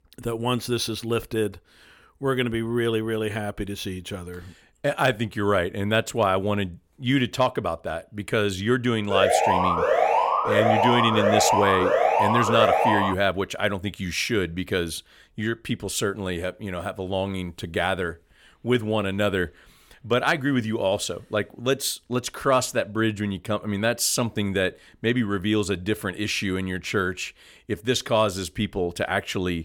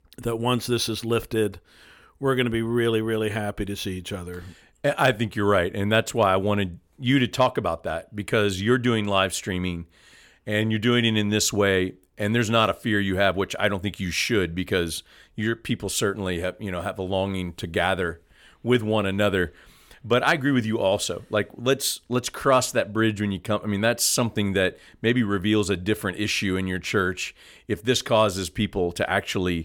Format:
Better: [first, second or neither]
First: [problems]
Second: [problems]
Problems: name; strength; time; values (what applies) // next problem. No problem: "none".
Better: second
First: alarm; loud; from 9 to 13 s; peak 5 dB above the speech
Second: none